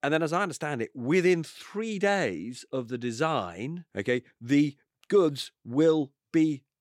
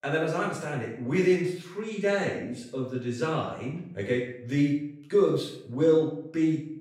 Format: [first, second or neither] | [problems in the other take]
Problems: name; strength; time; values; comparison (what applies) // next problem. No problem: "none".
first | room echo; noticeable; dies away in 0.6 s // off-mic speech; far